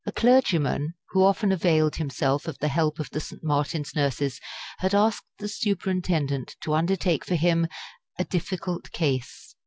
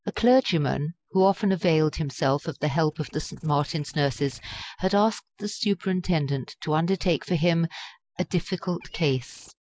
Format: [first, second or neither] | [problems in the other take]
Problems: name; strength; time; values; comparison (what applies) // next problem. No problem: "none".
first | noise reduction (neural mask model Resemble Enhance denoiser)